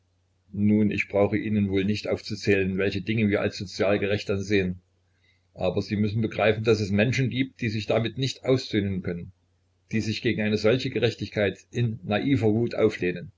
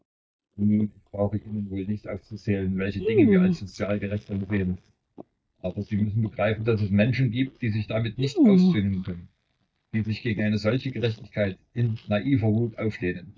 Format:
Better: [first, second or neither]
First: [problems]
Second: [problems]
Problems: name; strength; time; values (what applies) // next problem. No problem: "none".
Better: first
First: none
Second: noise reduction (neural mask model DeepFilterNet 3)